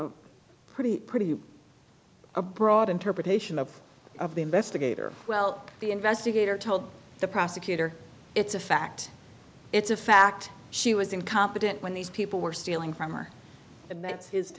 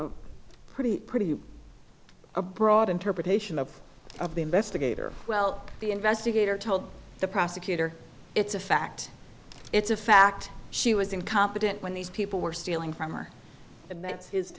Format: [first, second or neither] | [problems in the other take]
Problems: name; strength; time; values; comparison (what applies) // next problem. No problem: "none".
first | background sound (Crack); 18 dB below the speech